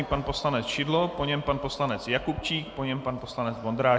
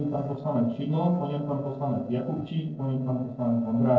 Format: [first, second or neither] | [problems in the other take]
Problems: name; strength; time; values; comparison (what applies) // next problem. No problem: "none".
first | noise reduction (neural separator model SepFormer DNS4)